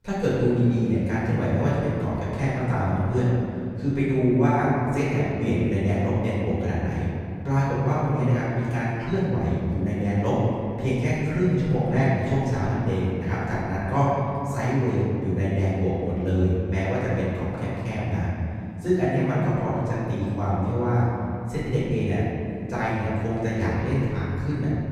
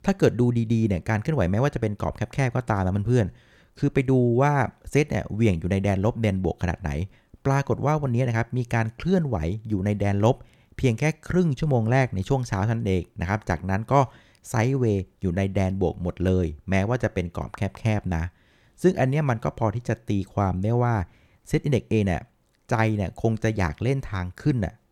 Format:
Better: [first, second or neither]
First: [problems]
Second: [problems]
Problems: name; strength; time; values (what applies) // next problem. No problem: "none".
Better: second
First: room echo; strong; dies away in 2.5 s // off-mic speech; far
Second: none